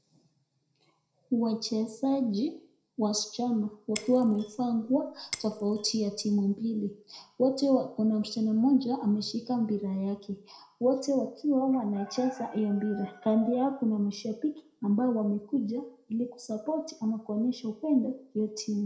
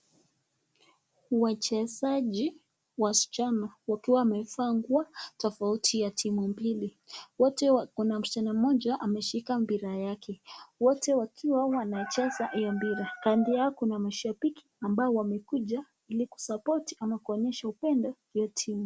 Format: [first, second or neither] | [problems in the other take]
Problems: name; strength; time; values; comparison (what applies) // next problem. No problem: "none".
second | background sound (Shatter); 16 dB below the speech // room echo; dies away in 0.5 s